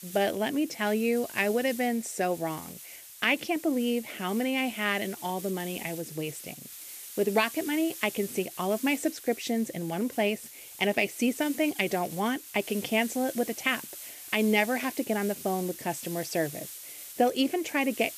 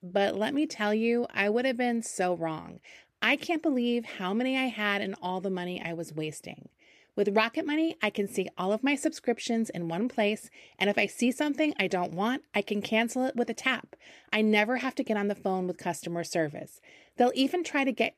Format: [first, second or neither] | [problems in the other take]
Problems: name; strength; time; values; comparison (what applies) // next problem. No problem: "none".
second | hiss; noticeable; throughout; 10 dB below the speech